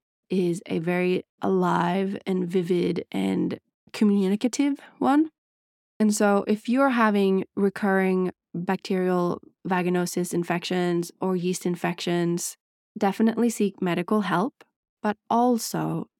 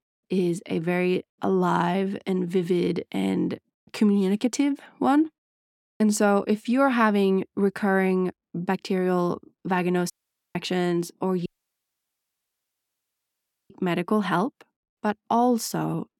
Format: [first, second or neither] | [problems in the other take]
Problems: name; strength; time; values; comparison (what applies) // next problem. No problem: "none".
first | audio cutting out; at 10 s and at 11 s for 2 s